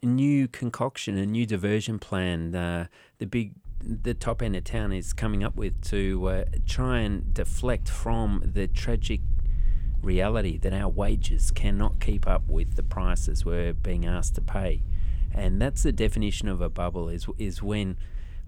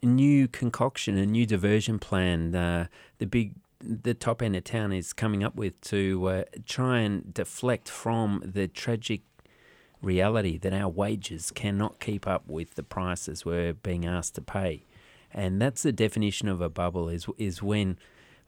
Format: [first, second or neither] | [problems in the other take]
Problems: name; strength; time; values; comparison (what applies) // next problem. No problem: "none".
second | low rumble; noticeable; from 3.5 s on; 20 dB below the speech